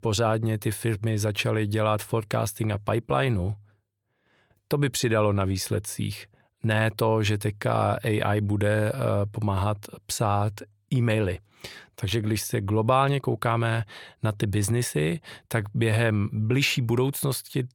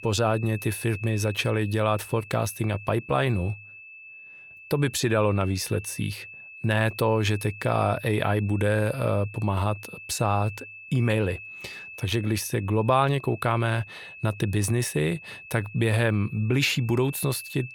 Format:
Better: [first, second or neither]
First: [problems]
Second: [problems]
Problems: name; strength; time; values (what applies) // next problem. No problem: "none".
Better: first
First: none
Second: high-pitched whine; noticeable; throughout; 2.5 kHz, 15 dB below the speech